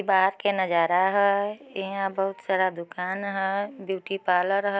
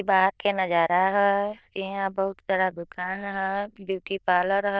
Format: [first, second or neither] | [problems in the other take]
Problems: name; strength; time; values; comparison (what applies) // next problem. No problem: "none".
first | noise reduction (neural diffusion model UNIVERSE++)